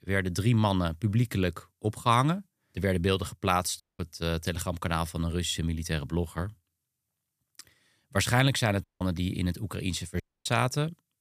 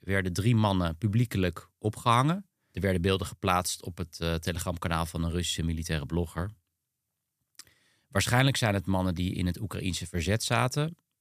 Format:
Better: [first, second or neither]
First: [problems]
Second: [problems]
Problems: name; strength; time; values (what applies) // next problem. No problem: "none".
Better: second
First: audio cutting out; at 4 s, at 9 s and at 10 s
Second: none